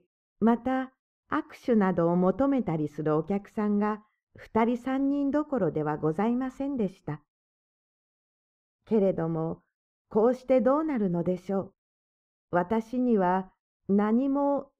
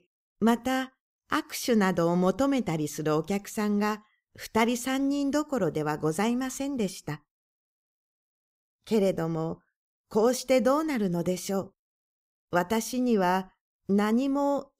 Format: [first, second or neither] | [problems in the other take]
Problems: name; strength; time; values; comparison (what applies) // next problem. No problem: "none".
second | muffled; very; fading above 3 kHz